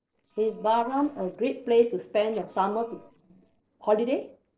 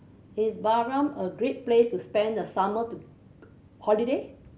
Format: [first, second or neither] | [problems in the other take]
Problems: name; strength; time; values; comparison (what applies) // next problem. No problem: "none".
second | noise reduction (neural separator model SepFormer DNS4)